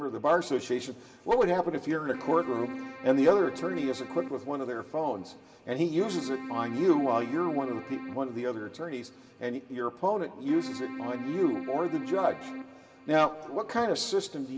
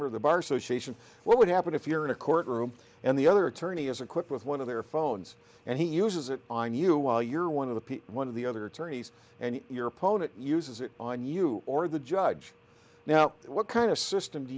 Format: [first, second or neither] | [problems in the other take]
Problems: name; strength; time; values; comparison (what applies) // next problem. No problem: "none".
second | background sound (Keyboard (musical)); 12 dB below the speech // room echo; dies away in 1.4 s